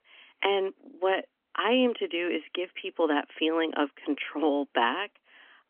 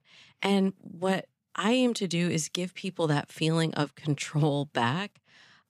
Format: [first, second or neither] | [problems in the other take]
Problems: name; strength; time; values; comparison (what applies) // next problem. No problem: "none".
second | phone-call audio; nothing above 3.5 kHz